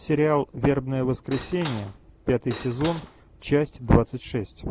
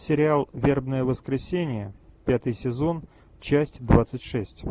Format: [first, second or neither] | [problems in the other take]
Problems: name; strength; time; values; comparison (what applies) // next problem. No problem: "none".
second | background sound (Cutlery, silverware / Dishes, pots, and pans); 13 dB below the speech